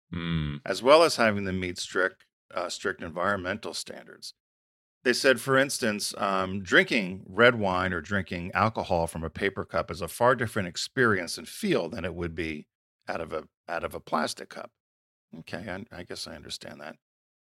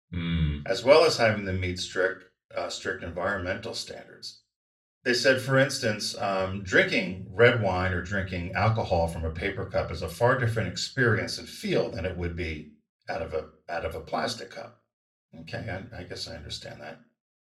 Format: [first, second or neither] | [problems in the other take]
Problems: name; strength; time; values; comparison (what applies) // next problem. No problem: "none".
first | room echo; very slight; dies away in 0.3 s // off-mic speech; far